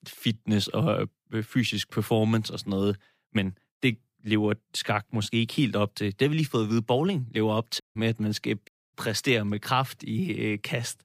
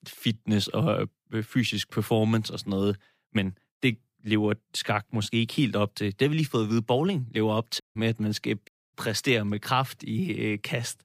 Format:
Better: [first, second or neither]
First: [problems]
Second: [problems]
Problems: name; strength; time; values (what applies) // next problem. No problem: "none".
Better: neither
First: audio cutting out; at 8 s and at 8.5 s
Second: audio cutting out; at 8 s and at 8.5 s